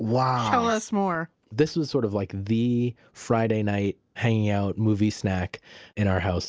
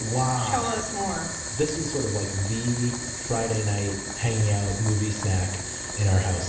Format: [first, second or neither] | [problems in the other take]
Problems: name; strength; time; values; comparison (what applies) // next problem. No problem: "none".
first | background sound (Boiling); 6 dB below the speech // room echo; dies away in 0.9 s